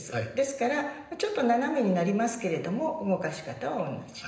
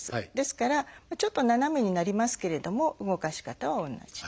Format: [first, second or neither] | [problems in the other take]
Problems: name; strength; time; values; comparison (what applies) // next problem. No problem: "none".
second | room echo; dies away in 0.9 s